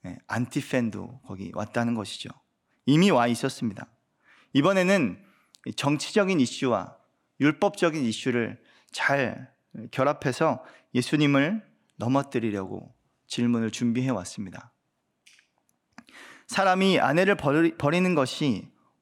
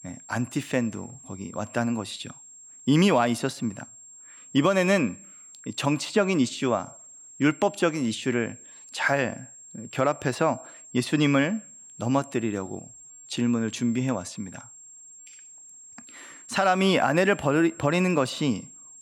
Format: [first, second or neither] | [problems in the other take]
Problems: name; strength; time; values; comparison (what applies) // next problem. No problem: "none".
first | high-pitched whine; noticeable; throughout; 7.5 kHz, 20 dB below the speech